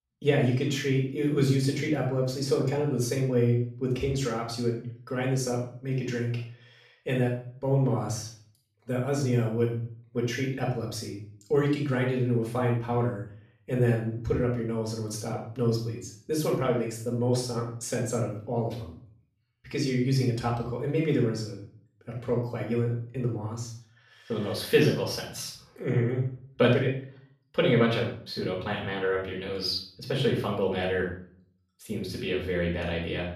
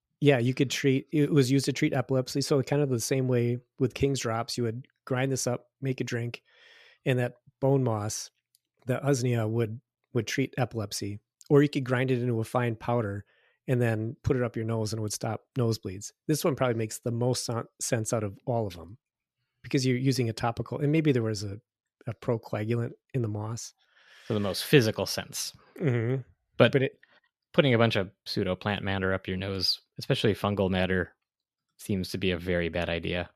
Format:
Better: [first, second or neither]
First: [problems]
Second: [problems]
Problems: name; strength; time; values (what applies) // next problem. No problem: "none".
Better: second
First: off-mic speech; far // room echo; noticeable; dies away in 0.4 s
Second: none